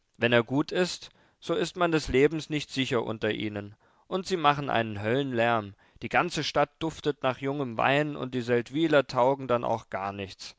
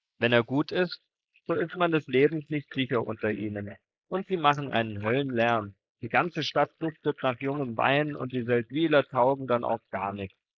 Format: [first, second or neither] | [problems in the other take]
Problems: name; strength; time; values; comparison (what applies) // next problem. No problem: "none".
first | noise reduction (neural mask model Resemble Enhance denoiser)